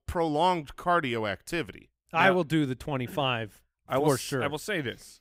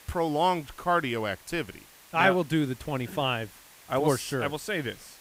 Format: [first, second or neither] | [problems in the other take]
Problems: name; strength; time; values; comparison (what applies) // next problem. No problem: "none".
first | hiss; faint; throughout; 25 dB below the speech